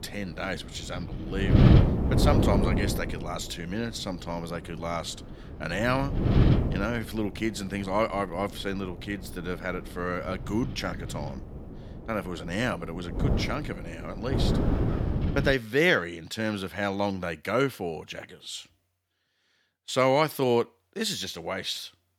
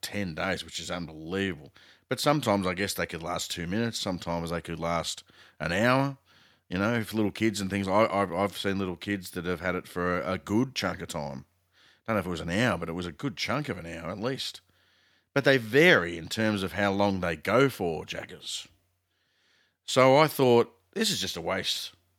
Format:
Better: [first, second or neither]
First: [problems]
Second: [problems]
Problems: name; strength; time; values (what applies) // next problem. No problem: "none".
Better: second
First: wind noise on the microphone; heavy; until 16 s; 3 dB below the speech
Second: none